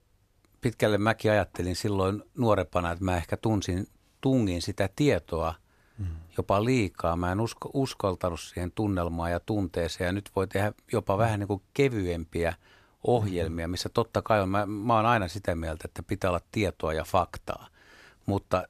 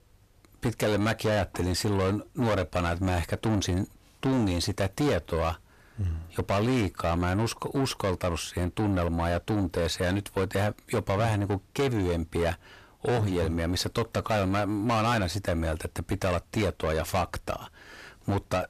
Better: first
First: none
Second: distortion; heavy; 7 dB below the speech

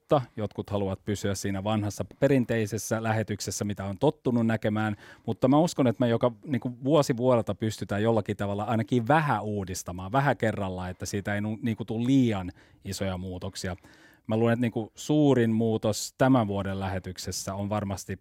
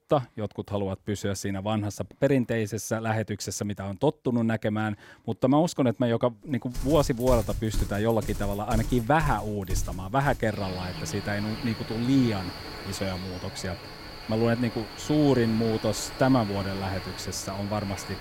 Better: first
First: none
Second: animal sounds; loud; from 6.5 s on; 10 dB below the speech

